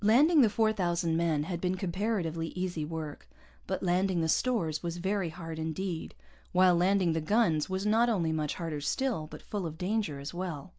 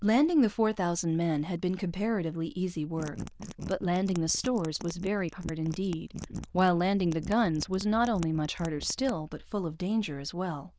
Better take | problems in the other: first | noise reduction (neural diffusion model UNIVERSE++)

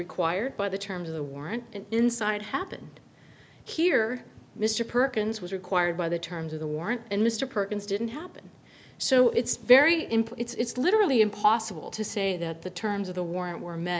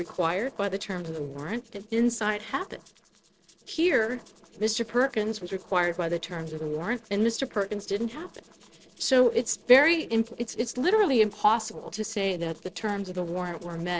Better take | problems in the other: first | noise reduction (neural separator model SepFormer DNS4)

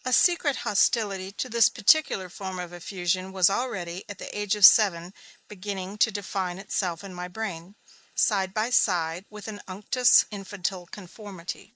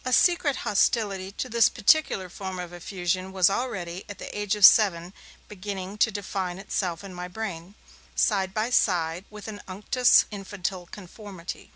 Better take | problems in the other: second | noise reduction (neural mask model Resemble Enhance denoiser)

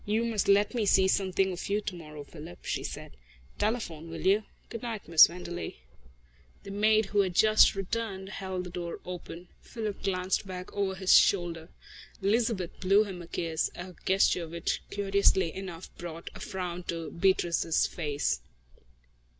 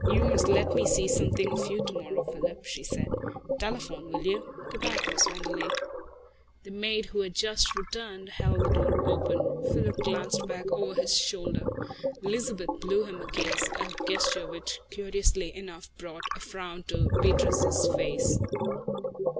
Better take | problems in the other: first | background sound (Gurgling); 3 dB above the speech

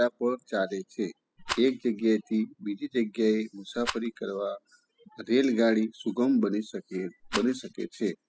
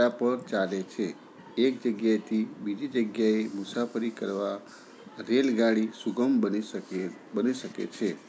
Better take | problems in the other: second | noise reduction (classical method spectral subtraction)

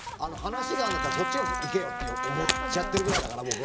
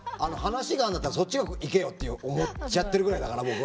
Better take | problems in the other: second | background sound (Zipper (clothing) + Trumpet); 1 dB above the speech

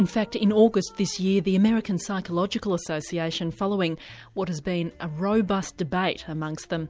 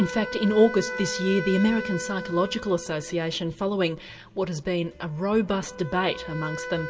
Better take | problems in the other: first | background sound (Wind instrument, woodwind instrument); 11 dB below the speech // room echo; dies away in 0.2 s

